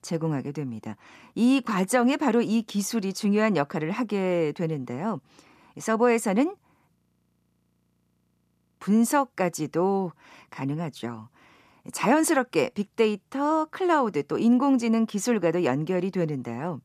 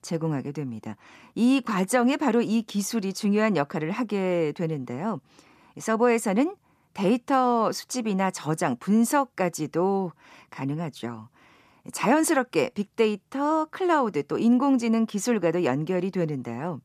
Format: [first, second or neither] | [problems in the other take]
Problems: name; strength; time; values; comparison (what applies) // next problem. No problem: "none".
second | audio freezing; at 7 s for 2 s